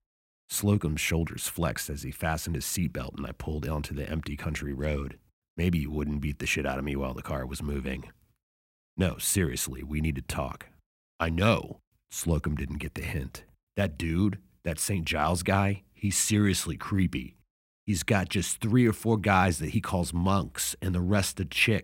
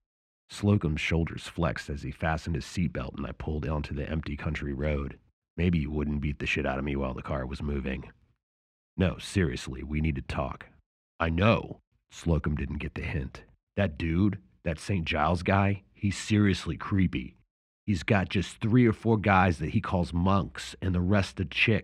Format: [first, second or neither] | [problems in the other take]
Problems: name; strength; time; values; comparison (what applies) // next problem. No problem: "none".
first | muffled; slightly; fading above 3.5 kHz